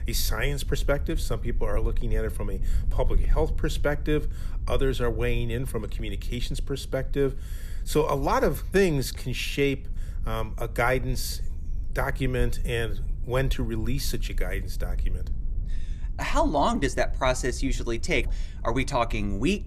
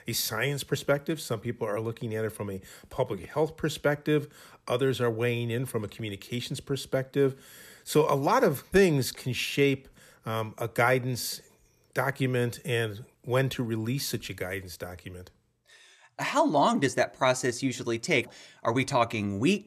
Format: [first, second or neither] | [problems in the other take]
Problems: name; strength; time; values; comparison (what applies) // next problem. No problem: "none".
second | low rumble; faint; throughout; 25 dB below the speech